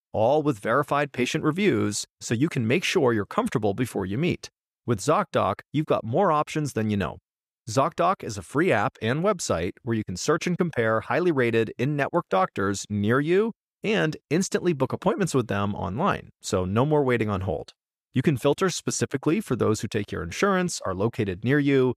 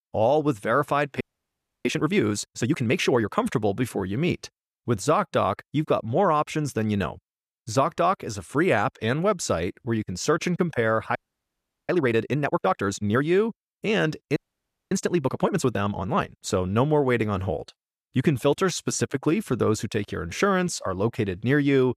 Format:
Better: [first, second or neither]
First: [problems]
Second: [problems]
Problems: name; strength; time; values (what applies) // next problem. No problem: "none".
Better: first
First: none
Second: audio freezing; at 1 s for 0.5 s, at 11 s for 0.5 s and at 14 s for 0.5 s